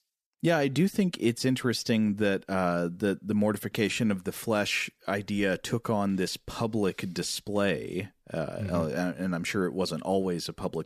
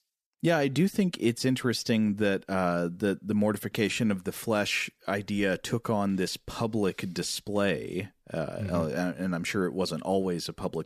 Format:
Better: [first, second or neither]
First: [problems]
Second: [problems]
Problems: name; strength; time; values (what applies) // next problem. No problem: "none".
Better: neither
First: none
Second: none